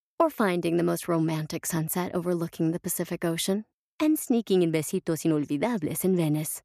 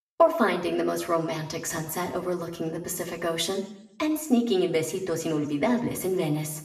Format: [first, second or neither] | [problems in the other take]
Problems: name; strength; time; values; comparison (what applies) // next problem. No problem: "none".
first | room echo; slight; dies away in 0.7 s // off-mic speech; somewhat distant